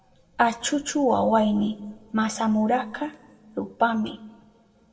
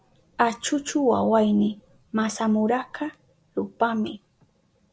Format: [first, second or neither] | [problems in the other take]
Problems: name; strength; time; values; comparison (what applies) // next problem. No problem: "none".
second | room echo; dies away in 0.7 s